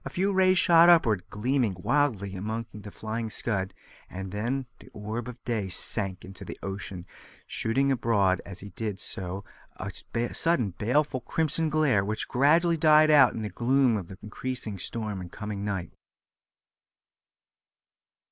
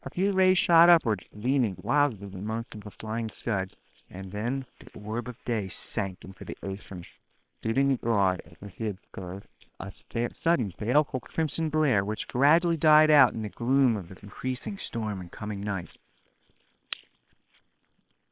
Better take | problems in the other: first | noise reduction (neural separator model SepFormer WHAM!)

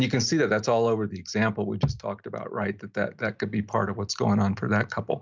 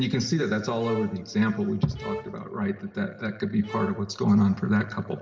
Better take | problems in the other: first | background sound (Bowed string instrument); 13 dB below the speech // room echo; dies away in 1.3 s

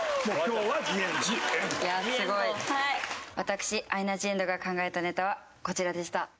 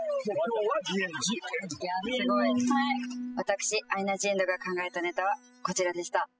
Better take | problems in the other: first | noise reduction (classical method spectral subtraction)

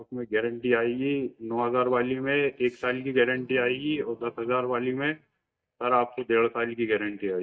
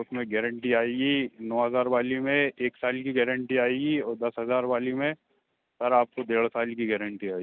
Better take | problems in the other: second | noise reduction (neural mask model DeepFilterNet 3)

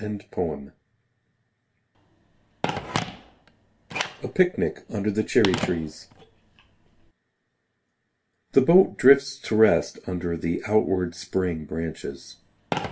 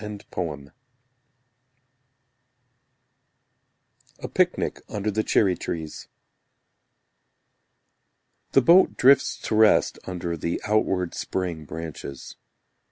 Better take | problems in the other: second | background sound (Telephone); 12 dB below the speech // room echo; dies away in 0.2 s

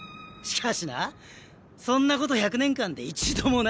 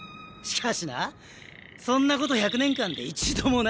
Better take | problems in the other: first | background sound (Chirp, tweet); 13 dB below the speech

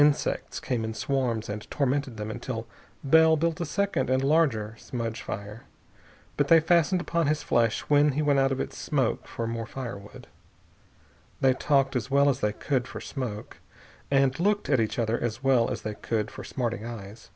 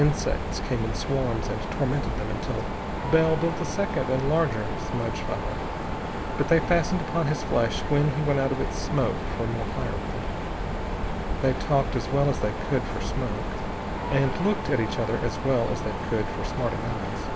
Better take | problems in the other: first | background sound (Mechanisms); 2 dB below the speech

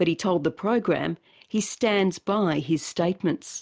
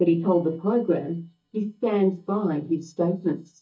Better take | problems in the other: first | noise reduction (neural mask model DeepFilterNet 3)

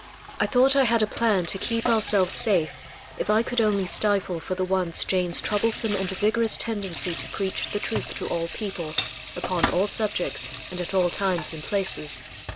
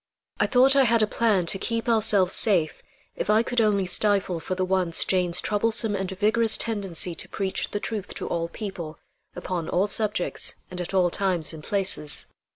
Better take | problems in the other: second | background sound (Sink (filling or washing) / Water tap, faucet); 10 dB below the speech

